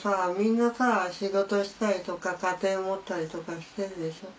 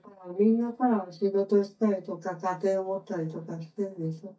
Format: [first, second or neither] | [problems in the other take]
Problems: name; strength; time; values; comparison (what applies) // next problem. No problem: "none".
first | noise reduction (neural mask model DeepFilterNet 3)